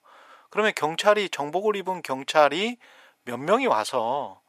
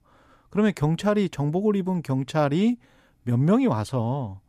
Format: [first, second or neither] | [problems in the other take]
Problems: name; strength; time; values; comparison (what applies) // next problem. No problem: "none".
second | thin; very; fading below 650 Hz